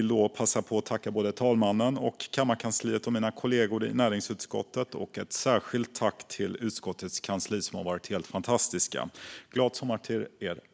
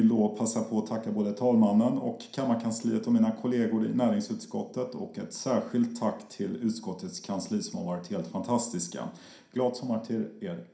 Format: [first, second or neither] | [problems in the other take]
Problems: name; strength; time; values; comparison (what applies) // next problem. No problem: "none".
first | room echo; dies away in 0.5 s